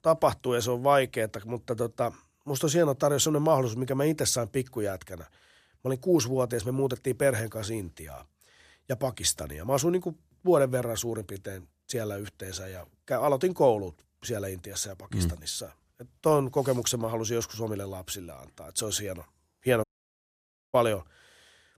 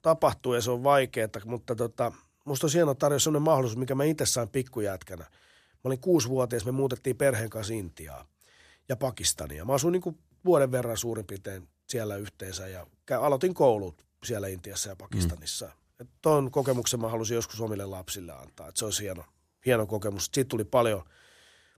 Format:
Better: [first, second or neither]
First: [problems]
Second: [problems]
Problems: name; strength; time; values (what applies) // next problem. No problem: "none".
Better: second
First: audio cutting out; at 20 s for 1 s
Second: none